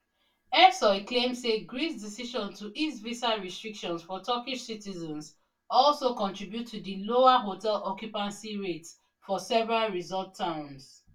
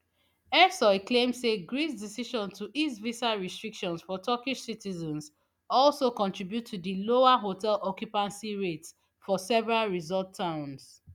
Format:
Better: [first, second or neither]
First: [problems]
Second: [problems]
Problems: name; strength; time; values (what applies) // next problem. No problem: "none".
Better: second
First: room echo; dies away in 0.2 s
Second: none